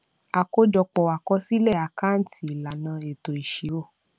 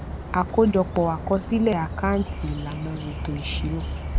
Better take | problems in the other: first | background sound (Bird); 6 dB below the speech

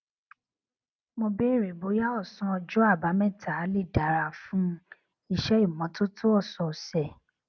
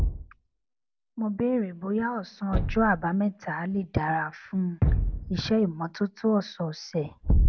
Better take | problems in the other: first | background sound (Thump, thud); 1 dB below the speech

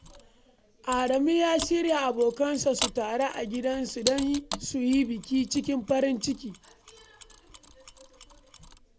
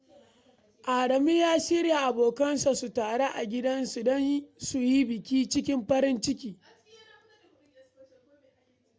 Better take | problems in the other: second | background sound (Mechanisms); 13 dB below the speech

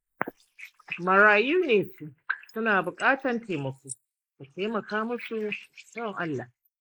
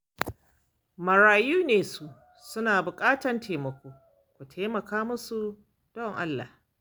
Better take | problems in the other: second | noise reduction (neural mask model Resemble Enhance denoiser)

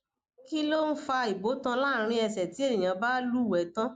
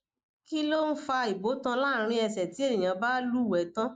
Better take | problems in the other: first | noise reduction (neural mask model Resemble Enhance denoiser)

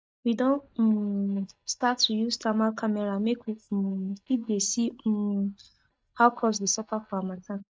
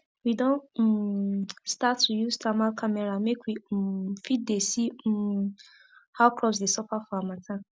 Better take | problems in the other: second | noise reduction (neural mask model DeepFilterNet 3)

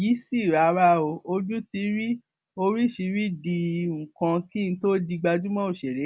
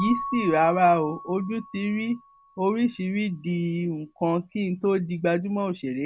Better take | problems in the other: first | background sound (Keyboard (musical) / Bell); 14 dB below the speech

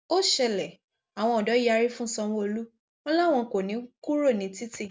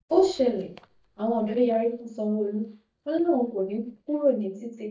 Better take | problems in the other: first | noise reduction (neural mask model DeepFilterNet 3)

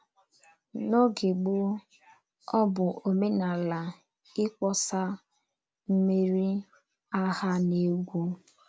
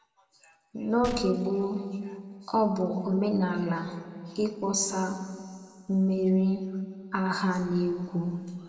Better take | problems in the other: first | background sound (Gunshot, gunfire); 18 dB below the speech // room echo; dies away in 2.2 s

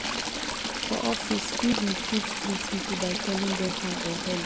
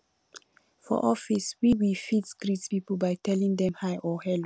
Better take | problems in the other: second | background sound (Stream / Trickle, dribble); as loud as the speech

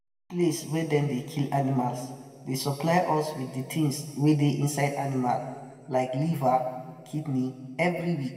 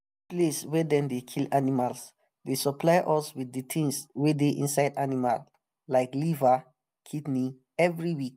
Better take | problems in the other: second | room echo; dies away in 2 s

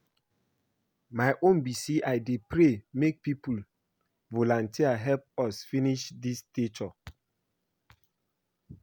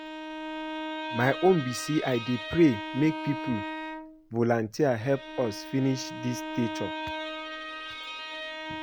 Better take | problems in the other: first | background sound (Bowed string instrument); 8 dB below the speech

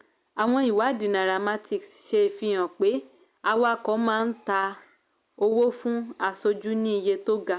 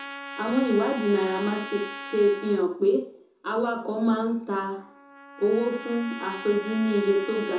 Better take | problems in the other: first | background sound (Trumpet); 14 dB below the speech // room echo; dies away in 0.5 s

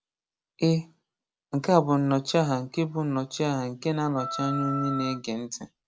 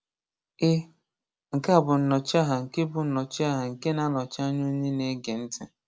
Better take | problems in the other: second | background sound (Wind instrument, woodwind instrument); 8 dB below the speech

